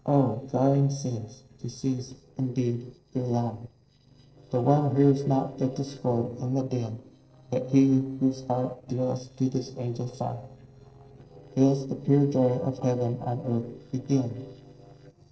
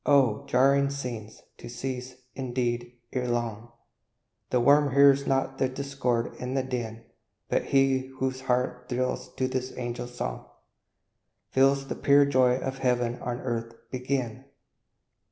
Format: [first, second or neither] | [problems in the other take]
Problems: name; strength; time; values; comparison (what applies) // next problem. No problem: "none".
second | noise reduction (neural separator model SepFormer DNS4)